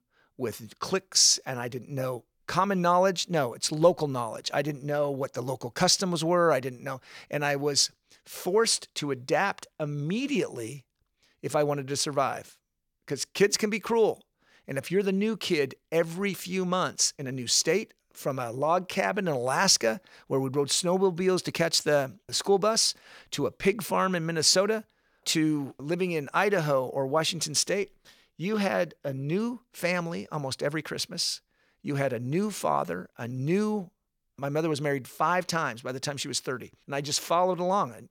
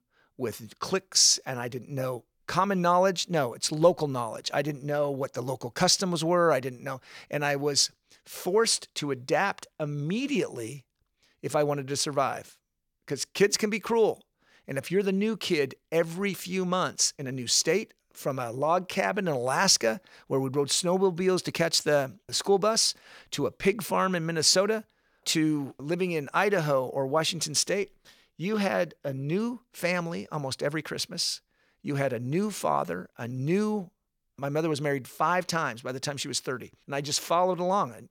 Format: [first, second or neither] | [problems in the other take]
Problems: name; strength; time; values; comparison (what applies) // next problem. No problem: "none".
neither | none